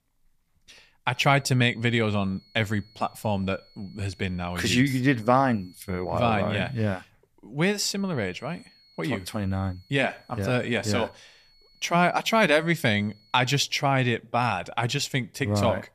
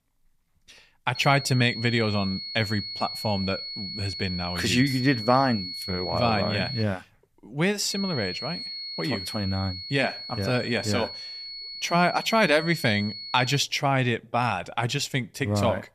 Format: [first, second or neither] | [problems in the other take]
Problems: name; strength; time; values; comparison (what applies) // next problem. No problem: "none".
first | high-pitched whine; loud; from 1 to 7 s and from 8 to 14 s; 4.5 kHz, 8 dB below the speech; faint in the first